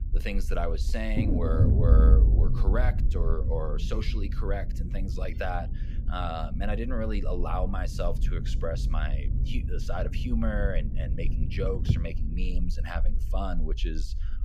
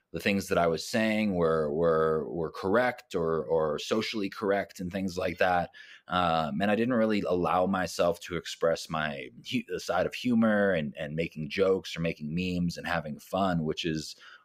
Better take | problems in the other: second | low rumble; loud; throughout; 8 dB below the speech

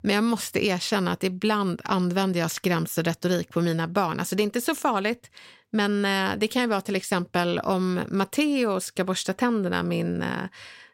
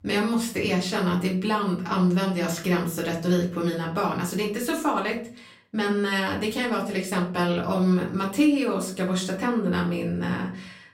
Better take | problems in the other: first | room echo; slight; dies away in 0.4 s // off-mic speech; far

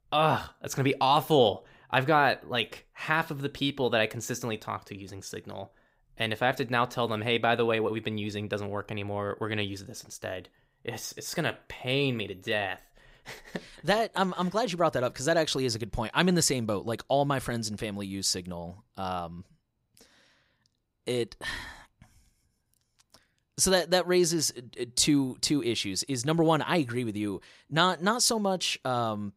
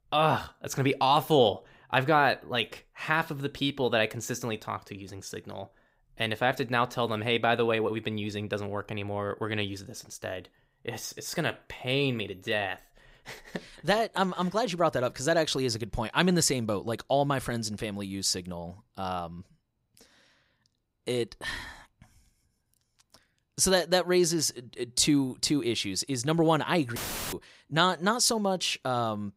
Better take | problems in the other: first | audio cutting out; filled with static; at 27 s

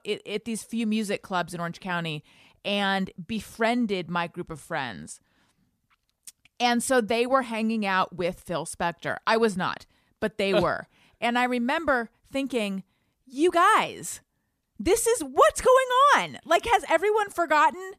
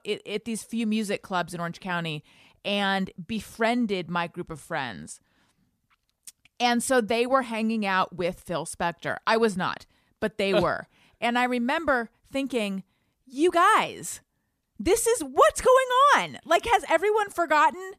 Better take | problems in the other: neither | none

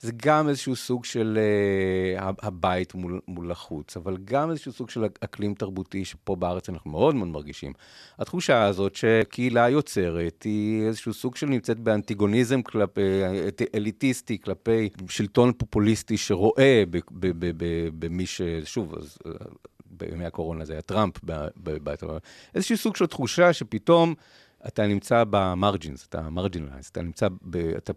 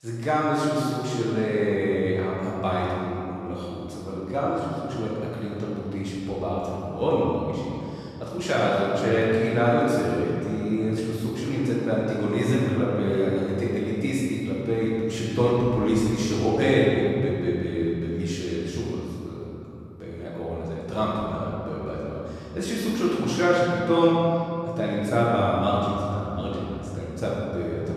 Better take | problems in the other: first | room echo; strong; dies away in 2.7 s // off-mic speech; far

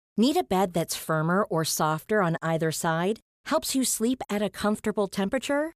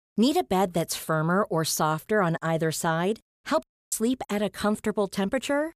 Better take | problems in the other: first | audio cutting out; at 3.5 s

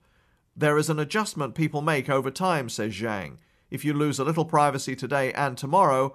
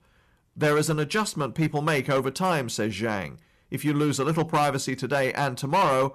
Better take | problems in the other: first | distortion; slight; 7% of the sound clipped

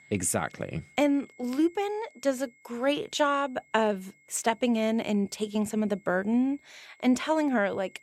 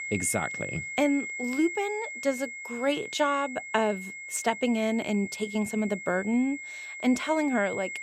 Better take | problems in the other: first | high-pitched whine; loud; throughout; 2 kHz, 7 dB below the speech; faint in the first

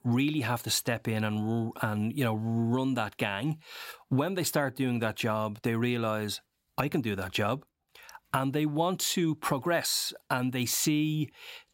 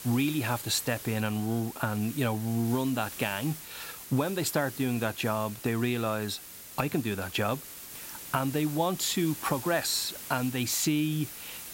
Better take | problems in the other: first | hiss; noticeable; throughout; 10 dB below the speech

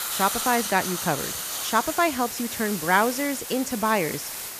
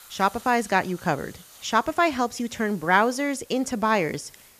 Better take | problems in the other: second | hiss; loud; throughout; 5 dB below the speech; faint in the second

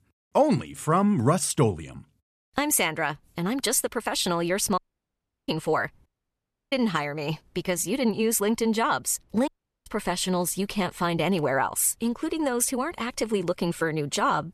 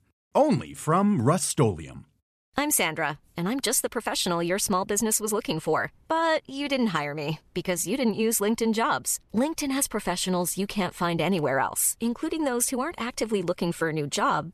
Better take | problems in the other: second | audio cutting out; at 5 s for 0.5 s, at 6 s for 0.5 s and at 9.5 s

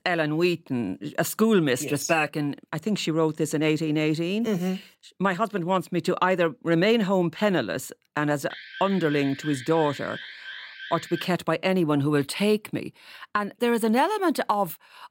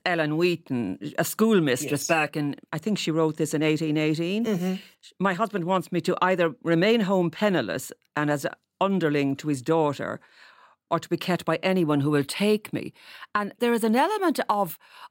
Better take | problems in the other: second | alarm; faint; from 8.5 to 11 s; peak 10 dB below the speech

